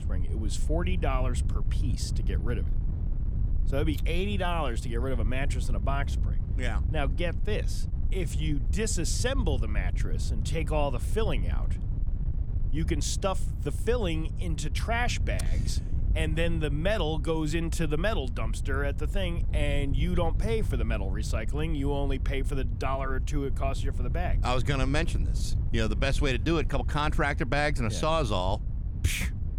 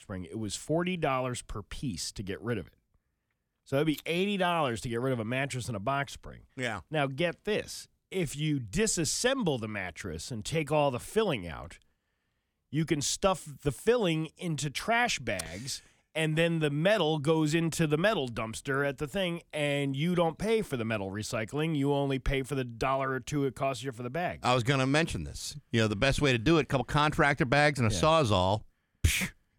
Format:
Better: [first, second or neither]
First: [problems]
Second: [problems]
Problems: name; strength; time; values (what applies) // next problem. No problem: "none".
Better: second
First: wind noise on the microphone; occasional gusts; 15 dB below the speech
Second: none